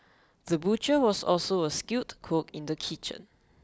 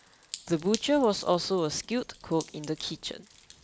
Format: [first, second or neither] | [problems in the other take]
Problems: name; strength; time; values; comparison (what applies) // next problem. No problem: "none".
first | background sound (Drip); 18 dB below the speech